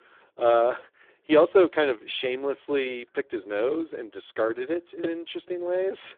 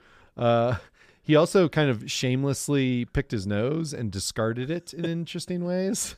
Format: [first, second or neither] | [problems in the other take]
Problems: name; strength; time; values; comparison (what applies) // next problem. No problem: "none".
second | phone-call audio; poor line; nothing above 3.5 kHz